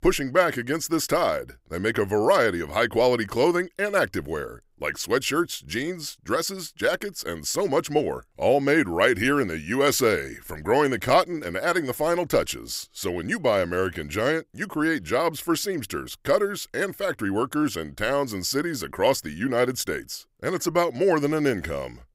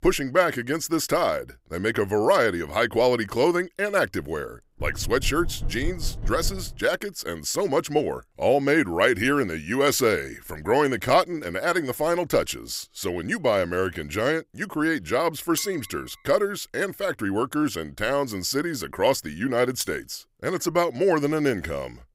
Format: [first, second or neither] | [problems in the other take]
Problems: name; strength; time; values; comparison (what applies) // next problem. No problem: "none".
first | door banging; noticeable; from 5 to 7 s; peak 9 dB below the speech // clattering dishes; noticeable; at 16 s; peak 9 dB below the speech // clattering dishes; faint; at 20 s; peak 15 dB below the speech